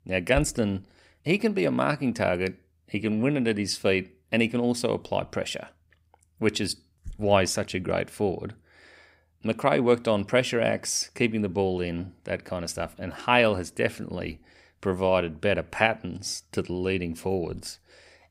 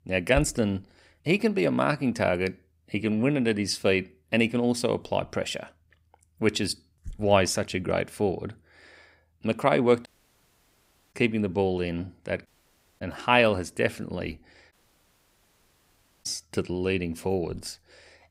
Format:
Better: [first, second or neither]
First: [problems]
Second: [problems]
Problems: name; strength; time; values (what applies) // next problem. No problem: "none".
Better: first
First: none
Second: audio cutting out; at 10 s for 1 s, at 12 s for 0.5 s and at 15 s for 1.5 s